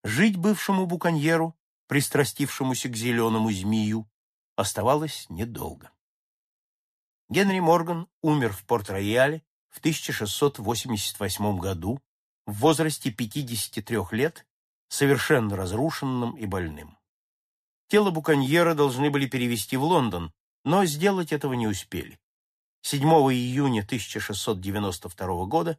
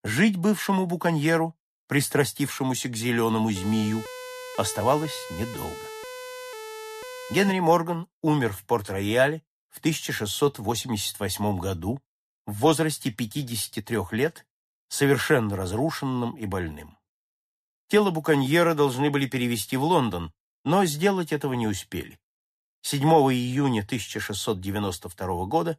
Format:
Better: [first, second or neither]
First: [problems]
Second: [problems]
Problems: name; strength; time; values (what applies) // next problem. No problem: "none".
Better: first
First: none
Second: siren; faint; from 3.5 to 7.5 s; peak 10 dB below the speech